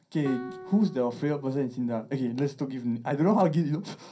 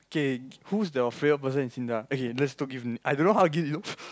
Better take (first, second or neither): second